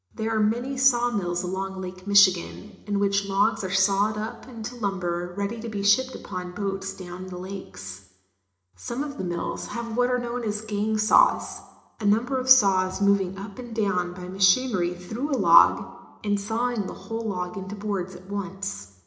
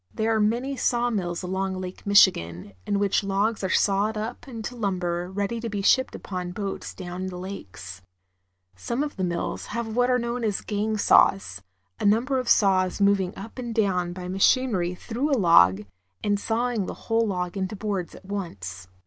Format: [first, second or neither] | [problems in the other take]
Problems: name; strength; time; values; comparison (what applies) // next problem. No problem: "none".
second | room echo; dies away in 0.8 s